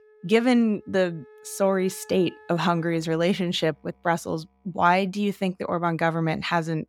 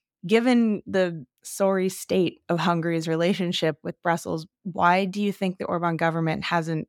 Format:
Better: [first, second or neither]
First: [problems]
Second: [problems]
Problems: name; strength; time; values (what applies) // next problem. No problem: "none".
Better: second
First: background music; faint; throughout; 25 dB below the speech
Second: none